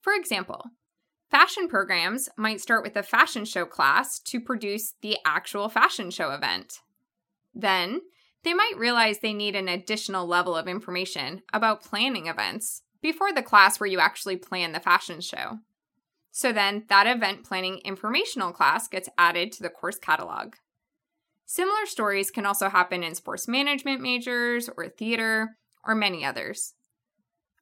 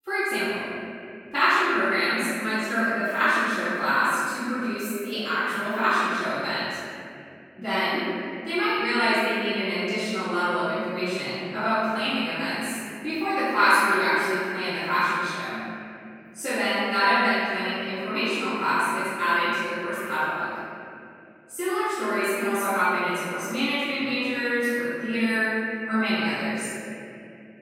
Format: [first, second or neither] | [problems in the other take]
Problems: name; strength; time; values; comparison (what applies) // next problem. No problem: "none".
first | off-mic speech; far // room echo; strong; dies away in 2.9 s